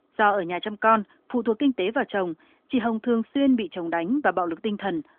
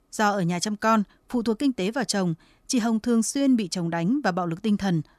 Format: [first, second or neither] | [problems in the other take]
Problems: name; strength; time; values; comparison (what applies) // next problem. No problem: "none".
second | phone-call audio; nothing above 3.5 kHz